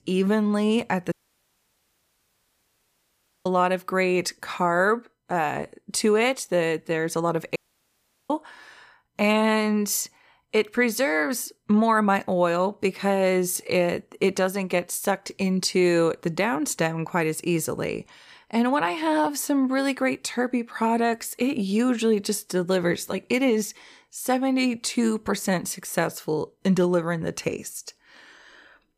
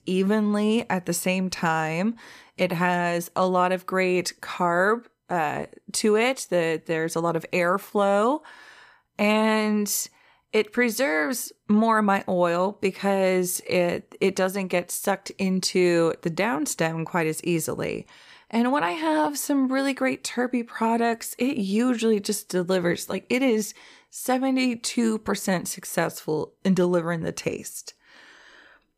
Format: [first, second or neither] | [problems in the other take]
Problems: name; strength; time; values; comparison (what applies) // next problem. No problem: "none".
second | audio cutting out; at 1 s for 2.5 s and at 7.5 s for 0.5 s